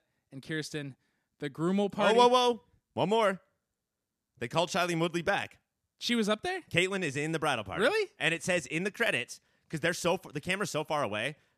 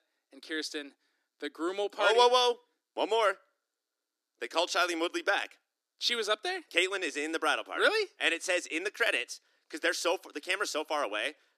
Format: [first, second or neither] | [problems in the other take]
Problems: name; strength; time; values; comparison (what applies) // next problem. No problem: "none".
first | thin; very; fading below 300 Hz